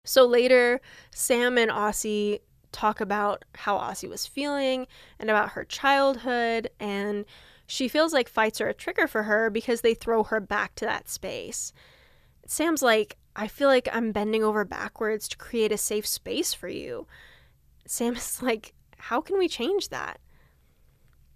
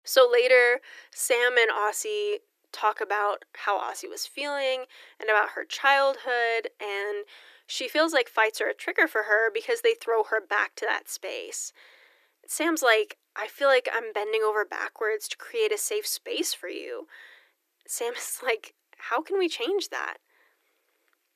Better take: first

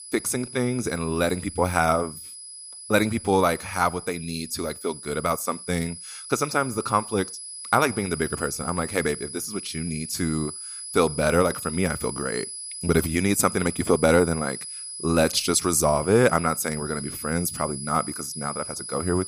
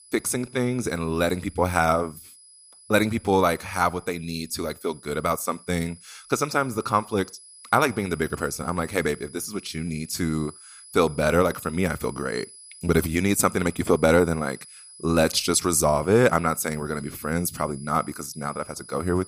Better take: second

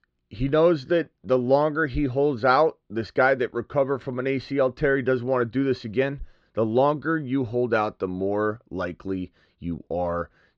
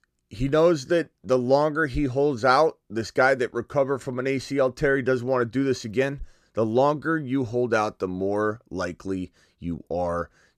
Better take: second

